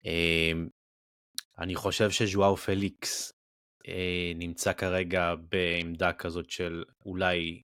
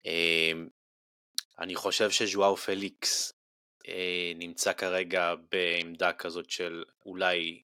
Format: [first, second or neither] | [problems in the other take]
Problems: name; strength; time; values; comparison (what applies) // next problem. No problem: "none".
first | thin; somewhat; fading below 300 Hz